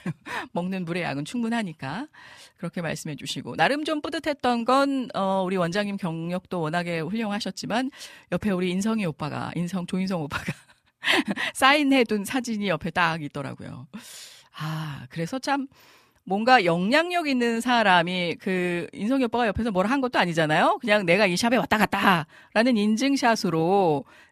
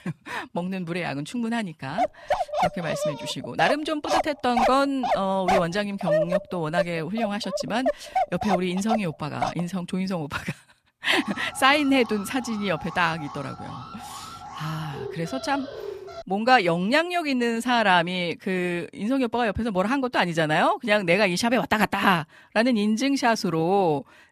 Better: first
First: none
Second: dog barking; loud; from 2 to 9.5 s; peak 1 dB above the speech // alarm; faint; from 11 to 16 s; peak 10 dB below the speech

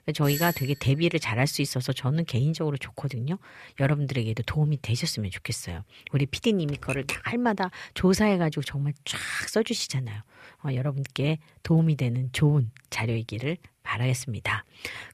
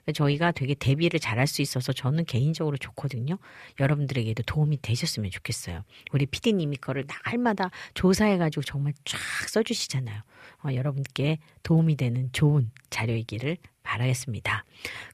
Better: second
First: doorbell; noticeable; at the start; peak 4 dB below the speech // keyboard typing; noticeable; at 6.5 s; peak 5 dB below the speech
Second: none

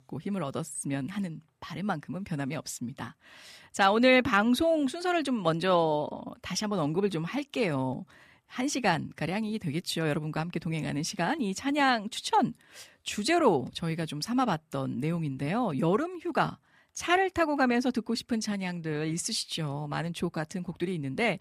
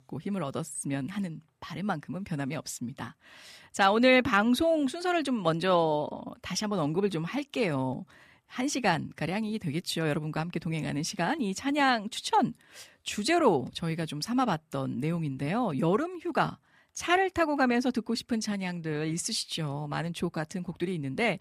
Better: neither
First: none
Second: none

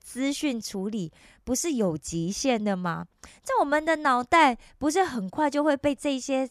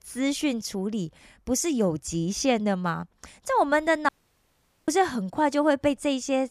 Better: first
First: none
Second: audio cutting out; at 4 s for 1 s

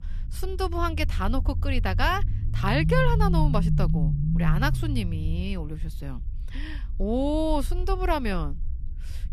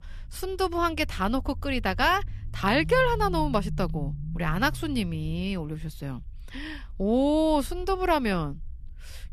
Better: second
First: low rumble; loud; throughout; 10 dB below the speech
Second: low rumble; faint; throughout; 20 dB below the speech

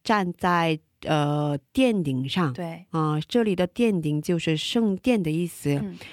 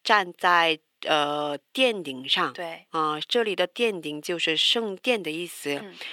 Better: first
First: none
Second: thin; somewhat; fading below 500 Hz

